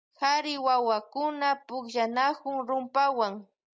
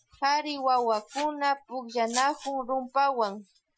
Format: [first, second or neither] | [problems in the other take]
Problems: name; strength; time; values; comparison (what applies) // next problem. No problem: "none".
first | noise reduction (classical method Wiener filter)